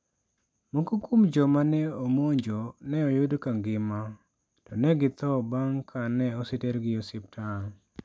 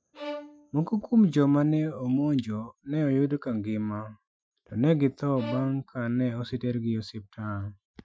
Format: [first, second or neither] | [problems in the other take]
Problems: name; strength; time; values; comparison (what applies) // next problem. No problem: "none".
first | noise reduction (classical method Wiener filter)